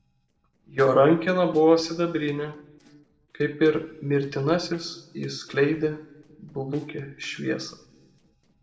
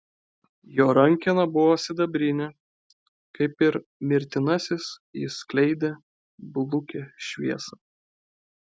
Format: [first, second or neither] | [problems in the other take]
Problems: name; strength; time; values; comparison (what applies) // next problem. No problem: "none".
second | noise reduction (neural separator model SepFormer DNS4)